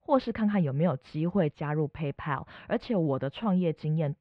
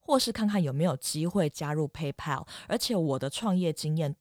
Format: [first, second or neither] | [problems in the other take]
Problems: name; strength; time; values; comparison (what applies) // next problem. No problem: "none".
second | muffled; very; fading above 2.5 kHz